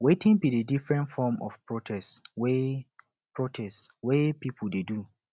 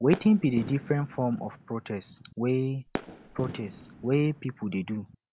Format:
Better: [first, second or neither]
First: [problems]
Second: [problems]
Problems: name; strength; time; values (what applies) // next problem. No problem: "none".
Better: first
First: none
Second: background sound (Fireworks); 13 dB below the speech